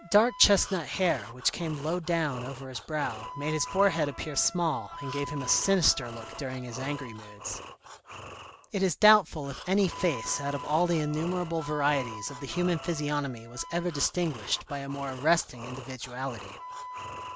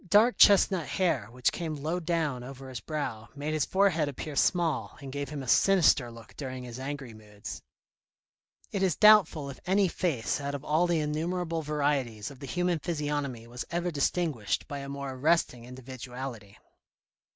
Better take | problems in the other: second | background sound (Wind instrument, woodwind instrument + Breathing); 13 dB below the speech

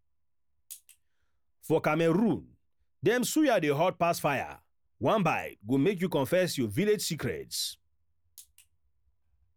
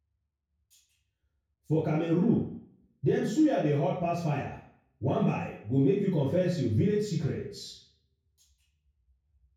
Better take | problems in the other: first | room echo; dies away in 0.6 s

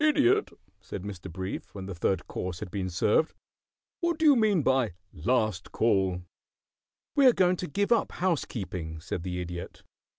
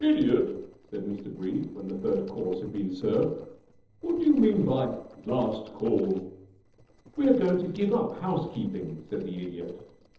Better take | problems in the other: first | noise reduction (neural separator model SepFormer DNS4)

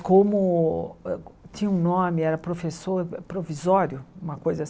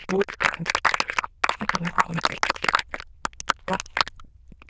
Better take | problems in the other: first | noise reduction (neural diffusion model UNIVERSE++)

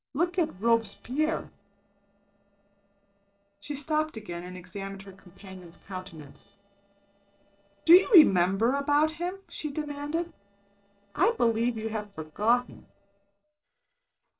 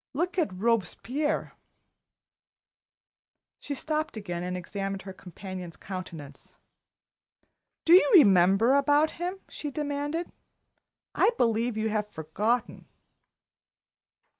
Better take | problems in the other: second | noise reduction (neural separator model SepFormer DNS4)

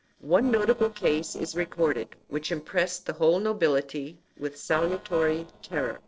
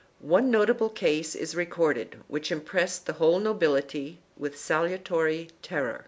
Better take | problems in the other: second | noise reduction (neural separator model SepFormer DNS4)

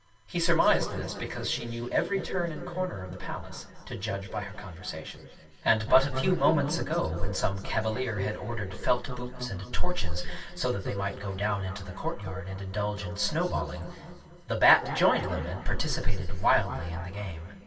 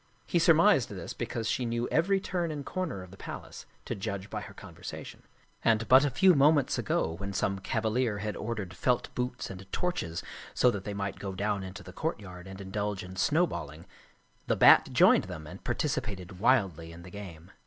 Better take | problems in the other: second | room echo; dies away in 2.6 s

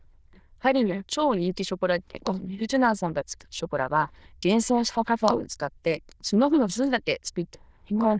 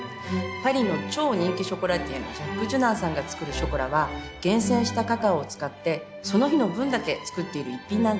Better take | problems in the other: second | noise reduction (neural diffusion model UNIVERSE++)

